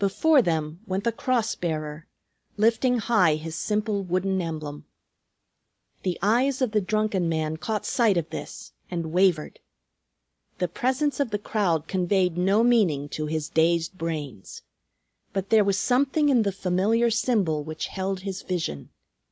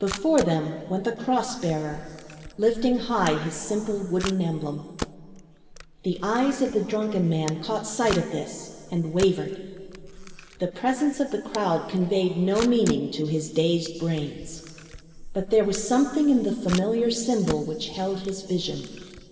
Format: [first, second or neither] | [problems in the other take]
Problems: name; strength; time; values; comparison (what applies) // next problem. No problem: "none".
first | background sound (Camera); 15 dB below the speech // room echo; dies away in 2.8 s